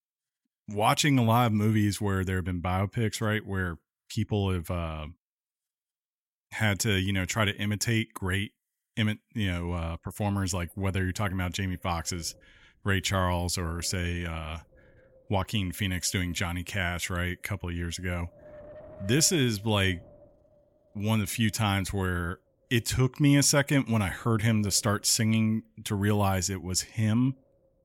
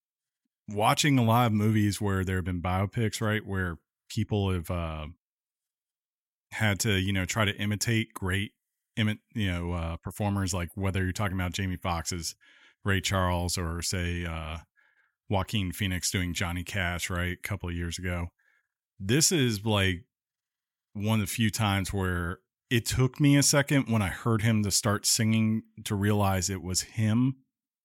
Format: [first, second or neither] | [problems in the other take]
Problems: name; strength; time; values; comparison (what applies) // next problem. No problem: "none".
second | wind noise on the microphone; occasional gusts; from 10 s on; 25 dB below the speech